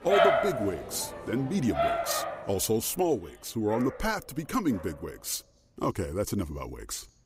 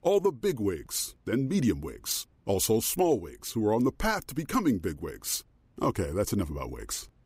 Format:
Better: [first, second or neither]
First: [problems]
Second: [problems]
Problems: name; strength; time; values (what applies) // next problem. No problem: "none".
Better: second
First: animal sounds; very loud; throughout; as loud as the speech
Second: none